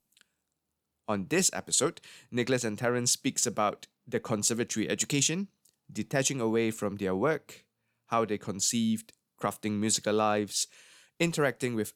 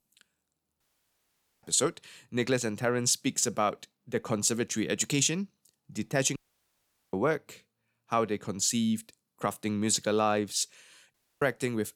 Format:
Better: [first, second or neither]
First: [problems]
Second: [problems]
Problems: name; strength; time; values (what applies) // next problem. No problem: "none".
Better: first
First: none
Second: audio cutting out; at 1 s for 1 s, at 6.5 s for 1 s and at 11 s